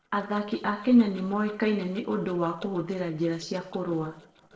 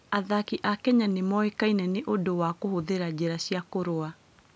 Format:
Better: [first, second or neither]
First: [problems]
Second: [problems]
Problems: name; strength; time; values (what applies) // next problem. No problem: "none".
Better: second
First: noise reduction (neural separator model SepFormer DNS4)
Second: none